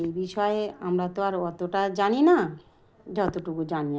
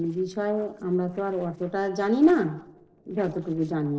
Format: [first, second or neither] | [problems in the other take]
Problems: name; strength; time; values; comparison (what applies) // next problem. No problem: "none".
first | noise reduction (neural separator model SepFormer DNS4)